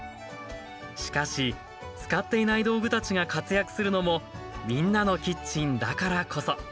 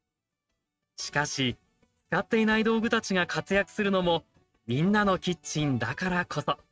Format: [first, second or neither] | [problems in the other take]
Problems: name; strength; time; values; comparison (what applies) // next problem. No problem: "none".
first | noise reduction (neural mask model RNNoise)